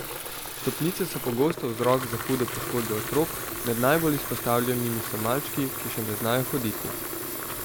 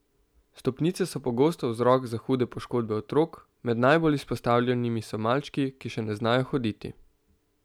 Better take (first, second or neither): second